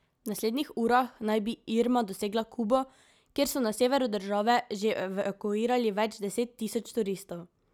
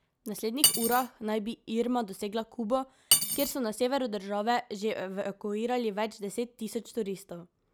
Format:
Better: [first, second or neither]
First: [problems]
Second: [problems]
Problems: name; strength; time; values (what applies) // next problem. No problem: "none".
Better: first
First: none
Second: background sound (Cutlery, silverware); 1 dB below the speech